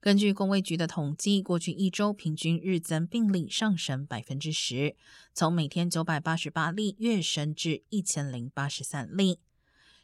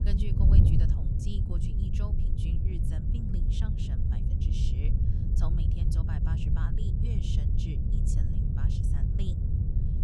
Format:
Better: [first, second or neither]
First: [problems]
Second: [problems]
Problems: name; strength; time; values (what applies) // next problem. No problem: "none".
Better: first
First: none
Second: wind noise on the microphone; heavy; 5 dB above the speech